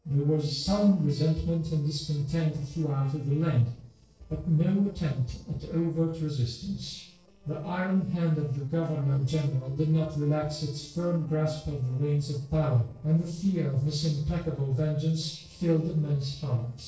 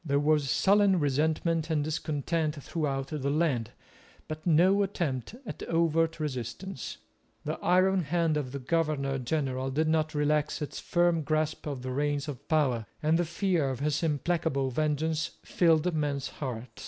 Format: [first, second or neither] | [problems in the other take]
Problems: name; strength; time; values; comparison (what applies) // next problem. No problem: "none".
second | noise reduction (neural separator model SepFormer DNS4)